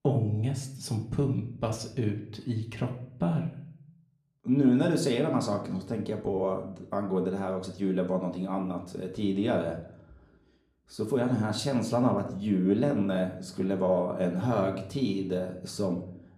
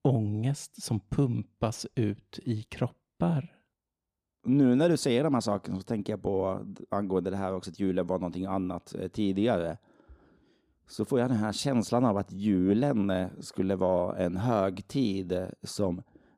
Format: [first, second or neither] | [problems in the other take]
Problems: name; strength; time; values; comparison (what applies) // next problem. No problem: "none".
second | room echo; slight; dies away in 0.5 s // off-mic speech; somewhat distant